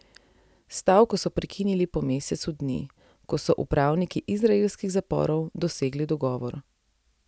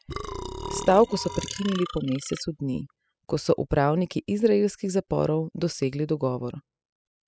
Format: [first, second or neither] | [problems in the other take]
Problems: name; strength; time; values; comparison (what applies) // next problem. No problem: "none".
first | noise reduction (classical method spectral subtraction)